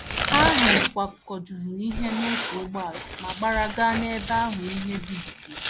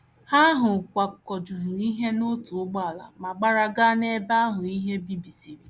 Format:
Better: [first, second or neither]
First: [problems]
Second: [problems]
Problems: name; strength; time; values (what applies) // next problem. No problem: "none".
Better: second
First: background sound (Tearing); 2 dB below the speech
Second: none